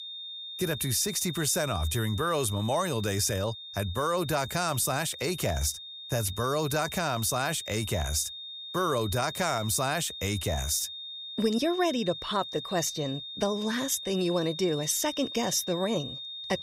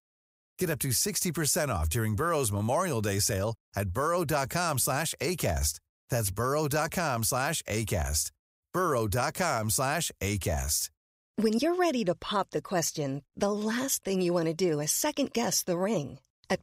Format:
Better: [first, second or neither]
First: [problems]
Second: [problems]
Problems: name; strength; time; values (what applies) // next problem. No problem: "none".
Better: second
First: high-pitched whine; loud; throughout; 3.5 kHz, 9 dB below the speech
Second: none